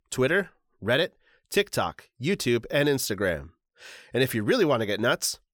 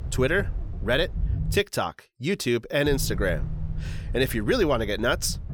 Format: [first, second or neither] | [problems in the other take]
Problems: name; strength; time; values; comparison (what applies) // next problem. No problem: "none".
first | low rumble; faint; until 1.5 s and from 3 s on; 20 dB below the speech